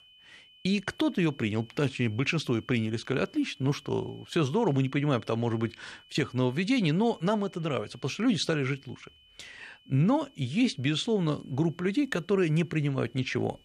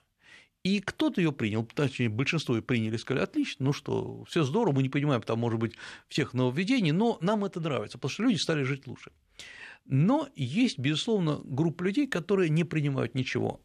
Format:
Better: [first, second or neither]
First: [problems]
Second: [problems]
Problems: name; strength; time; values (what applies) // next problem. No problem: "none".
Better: second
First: high-pitched whine; faint; throughout; 3 kHz, 25 dB below the speech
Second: none